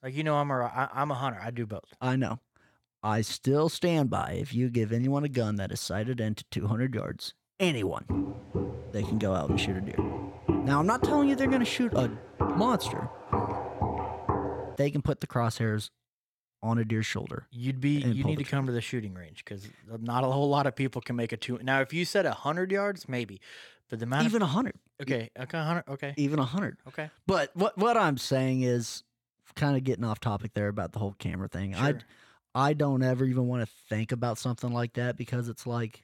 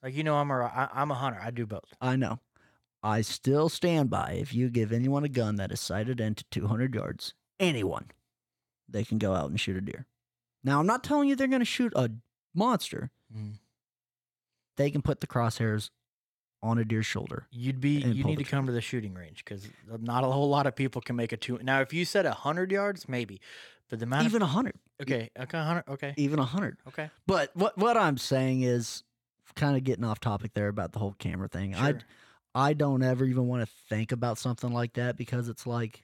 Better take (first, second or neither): second